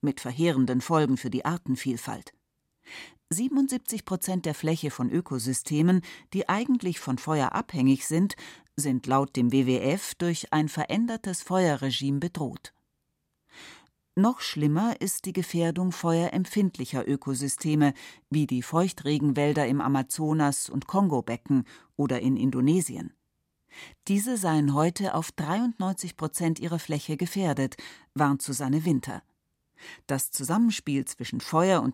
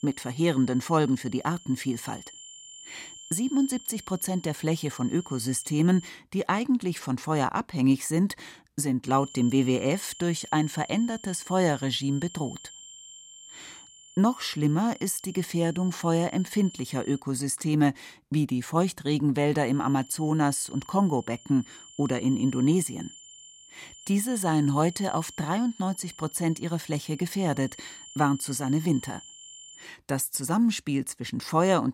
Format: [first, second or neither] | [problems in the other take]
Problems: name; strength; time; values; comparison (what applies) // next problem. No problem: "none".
first | high-pitched whine; noticeable; until 6 s, from 9 to 17 s and from 20 to 30 s; 7 kHz, 20 dB below the speech